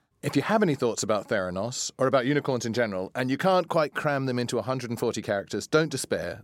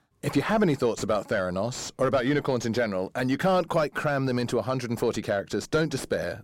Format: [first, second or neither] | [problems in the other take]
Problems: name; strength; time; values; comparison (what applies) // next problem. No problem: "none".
first | distortion; slight; 10 dB below the speech